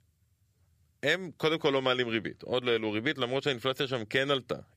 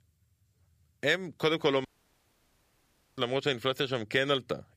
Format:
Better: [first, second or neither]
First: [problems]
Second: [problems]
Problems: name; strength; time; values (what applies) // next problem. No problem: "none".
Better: first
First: none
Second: audio cutting out; at 2 s for 1.5 s